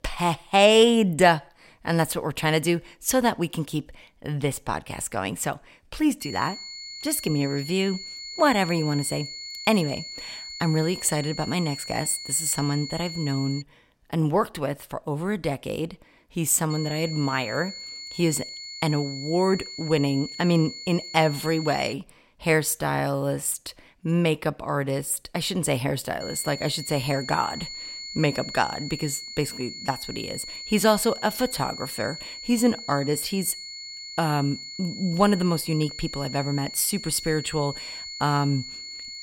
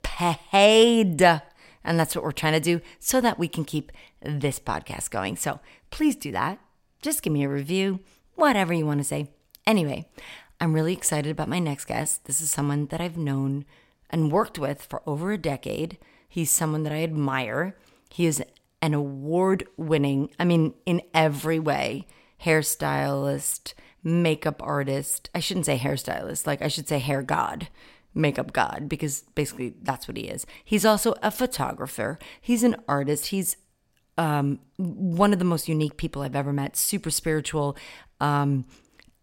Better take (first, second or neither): second